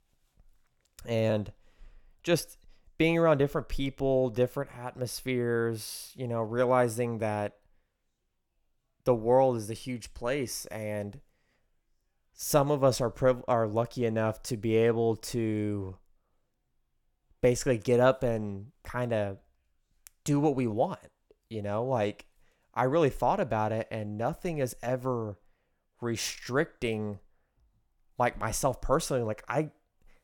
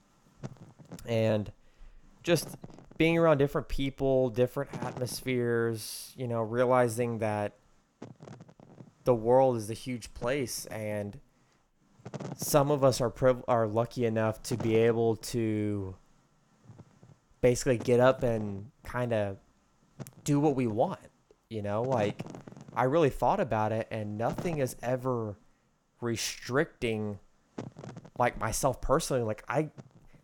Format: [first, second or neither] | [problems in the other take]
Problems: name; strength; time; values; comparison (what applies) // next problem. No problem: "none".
first | wind noise on the microphone; occasional gusts; 20 dB below the speech